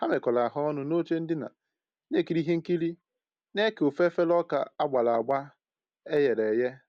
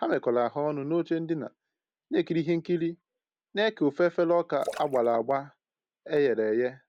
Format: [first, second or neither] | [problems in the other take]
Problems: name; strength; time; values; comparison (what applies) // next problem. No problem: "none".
first | background sound (Splash, splatter); 16 dB below the speech